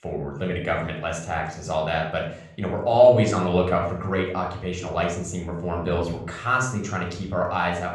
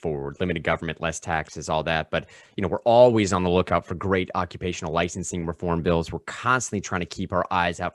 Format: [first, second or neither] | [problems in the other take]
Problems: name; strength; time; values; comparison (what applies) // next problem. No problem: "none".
second | off-mic speech; somewhat distant // room echo; noticeable; dies away in 0.5 s